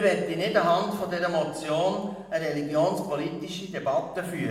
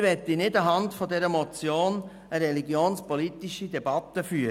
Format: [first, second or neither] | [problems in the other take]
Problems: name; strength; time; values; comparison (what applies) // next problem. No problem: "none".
second | room echo; dies away in 0.9 s